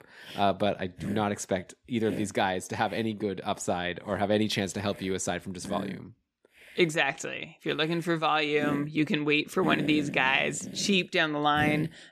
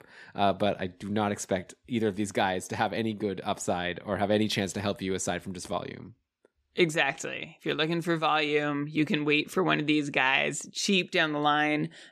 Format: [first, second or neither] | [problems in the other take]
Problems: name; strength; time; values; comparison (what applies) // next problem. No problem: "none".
second | hiss; noticeable; throughout; 10 dB below the speech